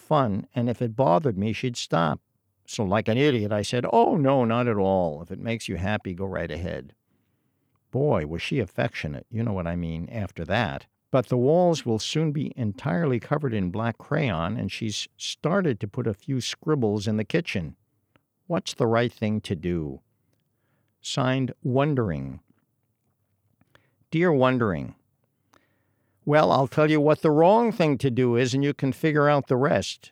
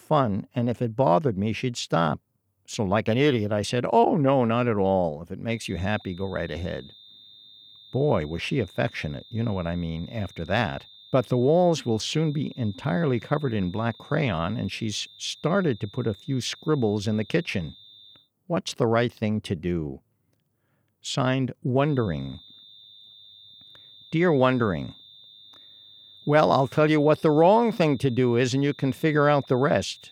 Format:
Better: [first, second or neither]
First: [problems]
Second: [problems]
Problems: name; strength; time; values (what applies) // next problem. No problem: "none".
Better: first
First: none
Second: high-pitched whine; faint; from 5.5 to 18 s and from 22 s on; 3.5 kHz, 25 dB below the speech